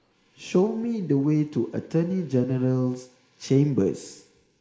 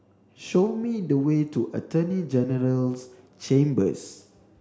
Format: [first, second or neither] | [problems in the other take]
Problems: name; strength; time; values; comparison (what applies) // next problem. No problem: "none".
second | noise reduction (neural mask model Resemble Enhance denoiser)